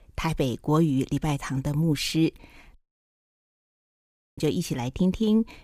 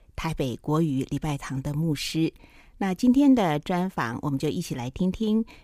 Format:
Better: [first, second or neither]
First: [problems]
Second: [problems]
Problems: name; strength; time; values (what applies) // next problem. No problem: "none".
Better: second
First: audio cutting out; at 3 s for 1.5 s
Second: none